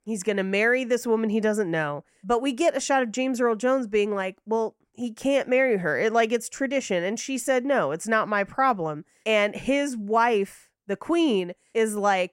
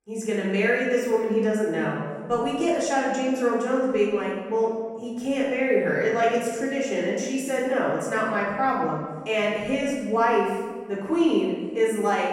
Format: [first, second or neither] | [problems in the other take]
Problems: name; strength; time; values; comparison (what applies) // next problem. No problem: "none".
first | off-mic speech; far // room echo; noticeable; dies away in 1.4 s